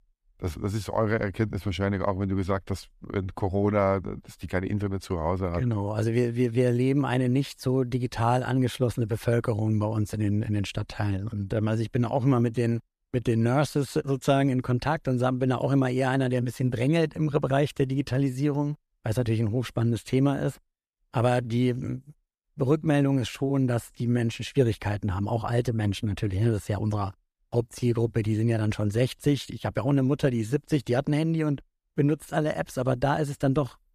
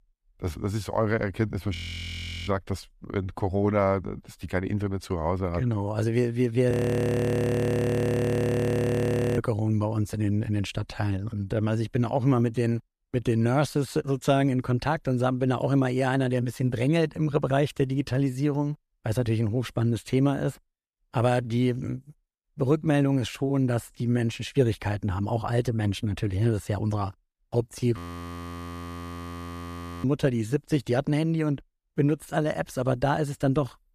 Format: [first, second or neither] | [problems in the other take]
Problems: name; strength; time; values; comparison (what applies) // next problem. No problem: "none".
first | audio freezing; at 2 s for 0.5 s, at 6.5 s for 2.5 s and at 28 s for 2 s